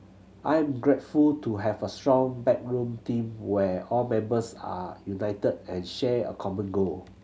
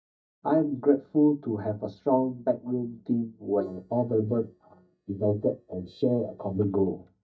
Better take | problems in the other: first | noise reduction (neural mask model DeepFilterNet 3)

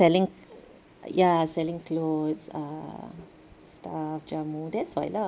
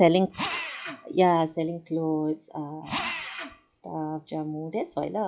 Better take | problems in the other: first | noise reduction (classical method log-MMSE)

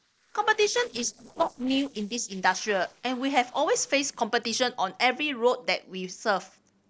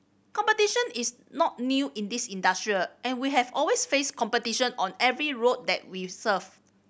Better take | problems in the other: second | noise reduction (neural separator model SepFormer DNS4)

